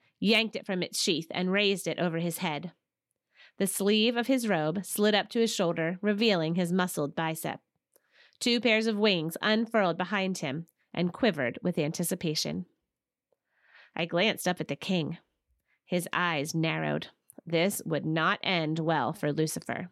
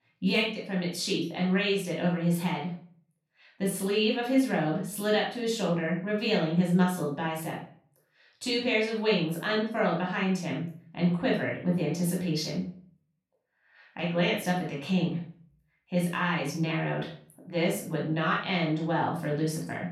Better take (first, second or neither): first